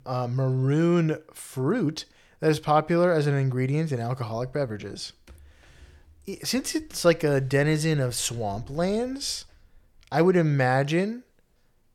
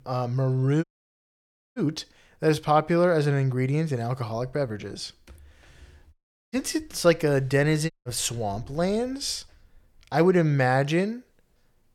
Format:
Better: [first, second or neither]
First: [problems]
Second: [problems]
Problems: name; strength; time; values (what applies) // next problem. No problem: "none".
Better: first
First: none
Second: audio cutting out; at 1 s for 1 s, at 6 s and at 8 s